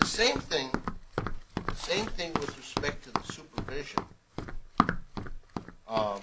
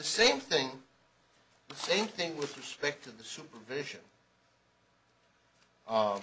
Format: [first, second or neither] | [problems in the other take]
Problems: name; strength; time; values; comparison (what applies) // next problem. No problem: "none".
second | background sound (Run); 1 dB above the speech